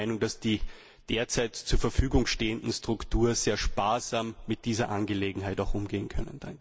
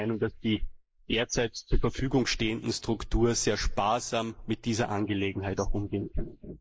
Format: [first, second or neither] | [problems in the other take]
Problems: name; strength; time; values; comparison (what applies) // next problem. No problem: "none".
first | noise reduction (neural mask model Resemble Enhance denoiser)